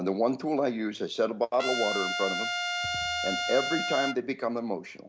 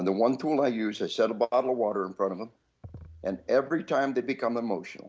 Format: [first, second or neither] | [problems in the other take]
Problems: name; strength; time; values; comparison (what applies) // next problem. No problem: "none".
second | background sound (Trumpet); 2 dB below the speech